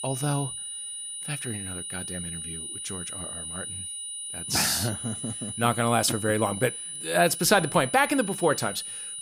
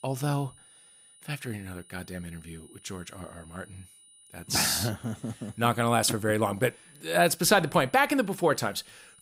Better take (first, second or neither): second